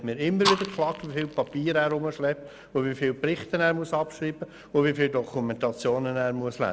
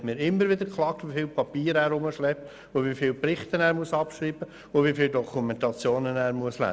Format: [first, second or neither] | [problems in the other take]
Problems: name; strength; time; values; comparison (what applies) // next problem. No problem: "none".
second | background sound (Fire); 6 dB below the speech